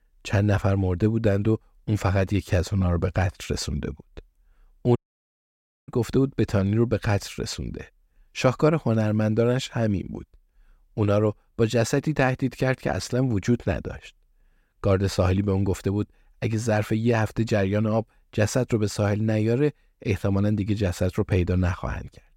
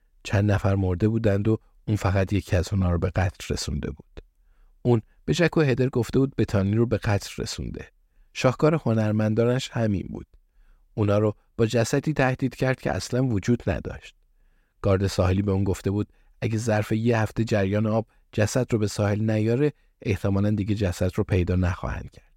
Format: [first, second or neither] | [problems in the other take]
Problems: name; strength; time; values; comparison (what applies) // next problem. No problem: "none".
second | audio cutting out; at 5 s for 1 s